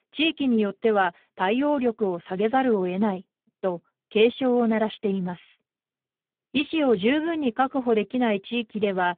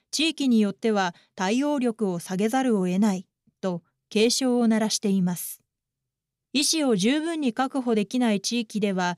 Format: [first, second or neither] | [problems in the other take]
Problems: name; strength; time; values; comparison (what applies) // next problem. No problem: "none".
second | phone-call audio; poor line; nothing above 3.5 kHz